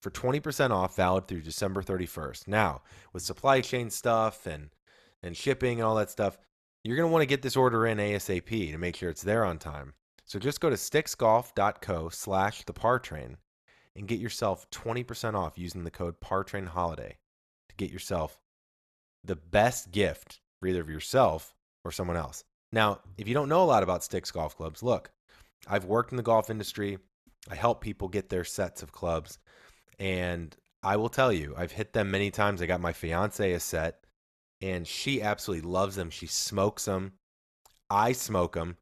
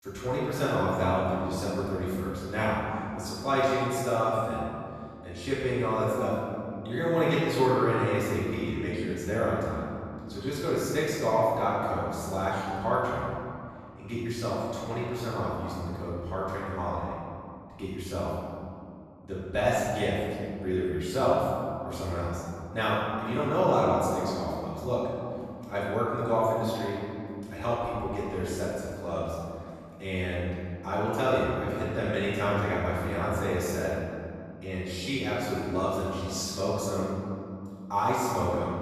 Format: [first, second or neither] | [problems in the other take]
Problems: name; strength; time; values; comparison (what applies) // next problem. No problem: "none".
first | room echo; strong; dies away in 2.5 s // off-mic speech; far